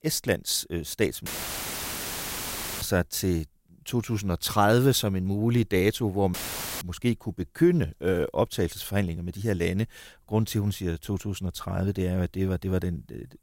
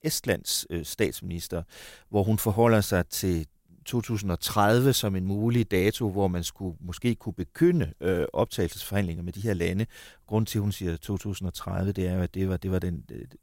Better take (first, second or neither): second